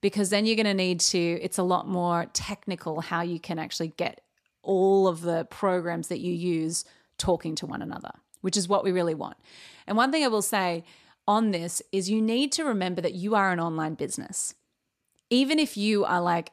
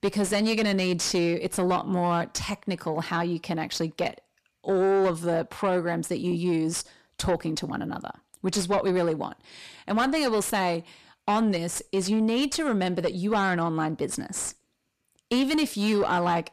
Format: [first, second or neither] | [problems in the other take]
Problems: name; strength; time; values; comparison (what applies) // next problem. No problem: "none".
first | distortion; slight; 10 dB below the speech